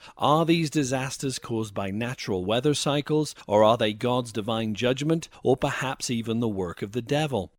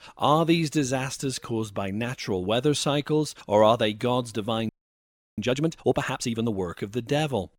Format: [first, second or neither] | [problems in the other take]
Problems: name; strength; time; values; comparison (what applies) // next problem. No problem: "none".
first | audio freezing; at 4.5 s for 0.5 s